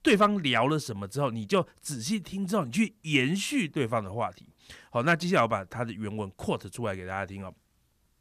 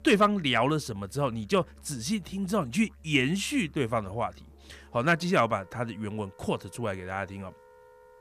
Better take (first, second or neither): first